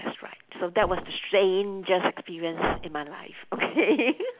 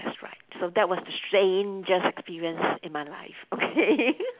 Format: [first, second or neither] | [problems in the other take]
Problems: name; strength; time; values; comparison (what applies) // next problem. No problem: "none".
second | background sound (Thump, thud); 15 dB below the speech